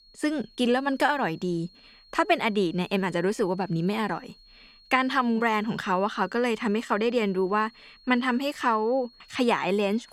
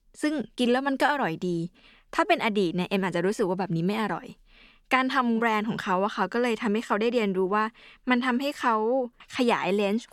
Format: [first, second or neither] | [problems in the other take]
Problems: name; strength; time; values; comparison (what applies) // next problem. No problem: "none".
second | high-pitched whine; faint; throughout; 4.5 kHz, 30 dB below the speech